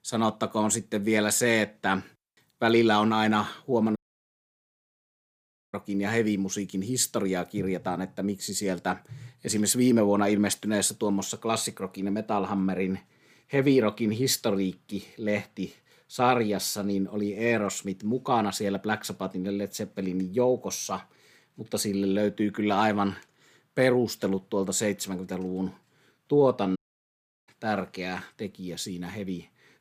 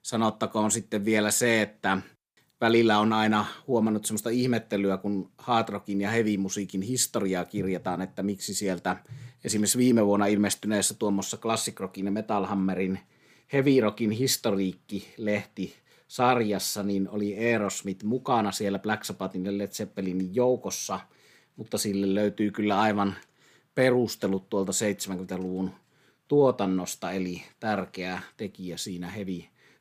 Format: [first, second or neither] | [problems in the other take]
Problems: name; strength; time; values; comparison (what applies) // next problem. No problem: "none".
second | audio cutting out; at 4 s for 2 s and at 27 s for 0.5 s